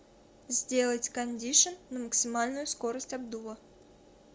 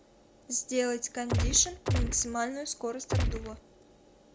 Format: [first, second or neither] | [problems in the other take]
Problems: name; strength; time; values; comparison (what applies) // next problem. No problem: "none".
first | background sound (Gunshot, gunfire); 3 dB above the speech